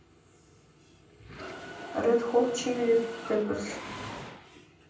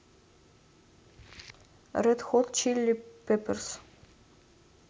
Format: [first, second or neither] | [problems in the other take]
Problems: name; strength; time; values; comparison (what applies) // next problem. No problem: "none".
second | background sound (Mechanisms); 12 dB below the speech // room echo; dies away in 0.6 s